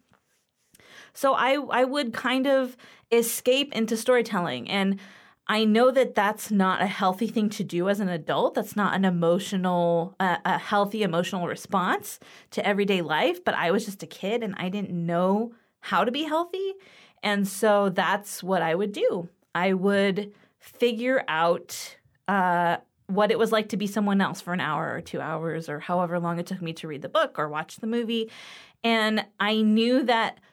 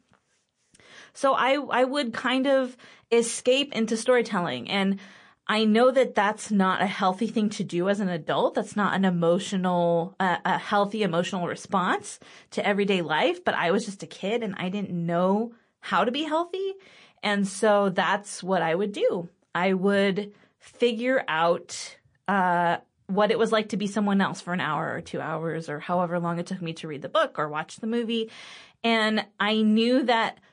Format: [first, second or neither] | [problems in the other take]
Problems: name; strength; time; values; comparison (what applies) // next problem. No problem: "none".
first | garbled, watery; slightly